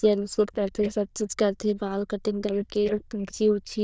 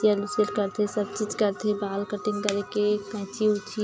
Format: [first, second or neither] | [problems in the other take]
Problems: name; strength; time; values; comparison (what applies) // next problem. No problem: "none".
second | noise reduction (neural diffusion model UNIVERSE++)